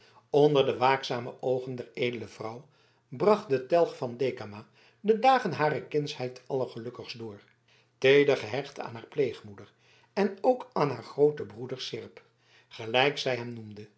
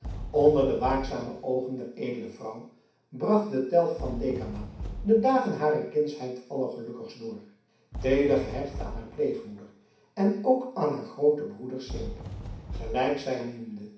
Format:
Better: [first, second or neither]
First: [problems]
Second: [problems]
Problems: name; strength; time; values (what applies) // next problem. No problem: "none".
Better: first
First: none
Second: background sound (Fireworks); 12 dB below the speech // room echo; dies away in 0.6 s